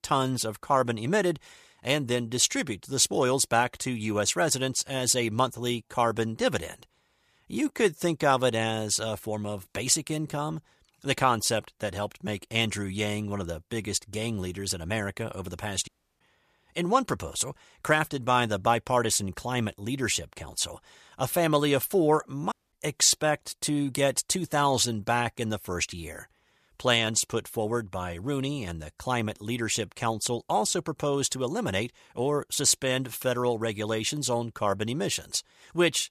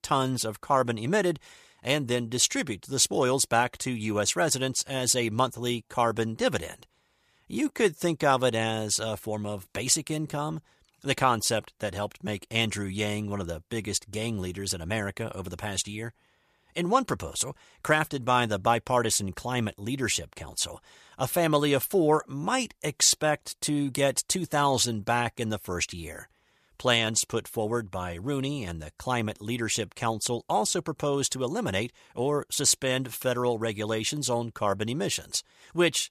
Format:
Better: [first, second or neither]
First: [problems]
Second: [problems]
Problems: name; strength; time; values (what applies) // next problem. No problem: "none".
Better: second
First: audio cutting out; at 16 s and at 23 s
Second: none